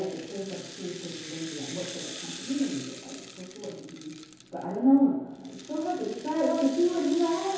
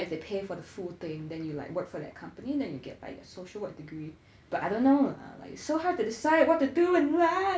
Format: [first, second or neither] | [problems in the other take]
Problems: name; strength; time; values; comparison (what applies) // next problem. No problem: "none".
second | background sound (Rattle (instrument)); 15 dB below the speech // room echo; dies away in 0.8 s